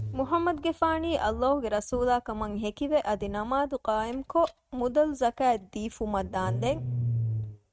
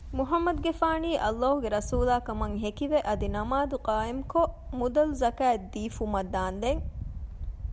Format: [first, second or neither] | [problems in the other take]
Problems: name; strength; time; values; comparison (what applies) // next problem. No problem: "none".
second | noise reduction (neural mask model RNNoise)